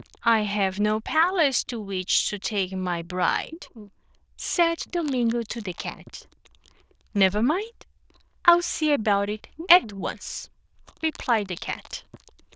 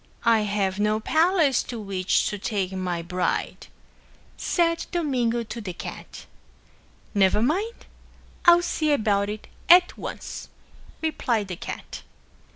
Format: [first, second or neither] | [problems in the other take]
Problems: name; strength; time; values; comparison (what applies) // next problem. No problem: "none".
second | noise reduction (neural diffusion model UNIVERSE++)